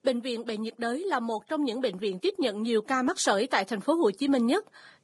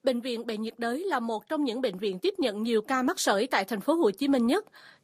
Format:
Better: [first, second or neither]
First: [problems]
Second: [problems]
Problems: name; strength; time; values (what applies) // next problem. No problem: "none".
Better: second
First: garbled, watery; badly; nothing above 10.5 kHz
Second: garbled, watery; slightly; nothing above 15 kHz